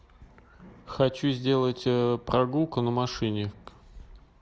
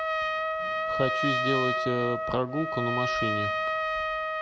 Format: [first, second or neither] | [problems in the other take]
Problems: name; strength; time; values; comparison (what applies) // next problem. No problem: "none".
first | background sound (Trumpet); 3 dB above the speech